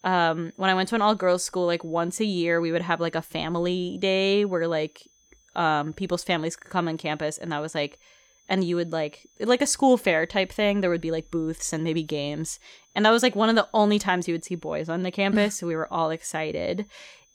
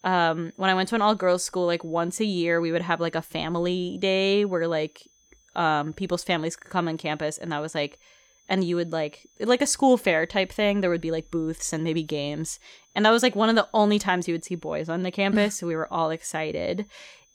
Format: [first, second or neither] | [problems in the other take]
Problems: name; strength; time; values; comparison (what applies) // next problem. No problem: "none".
neither | high-pitched whine; faint; throughout; 6 kHz, 35 dB below the speech; the same in both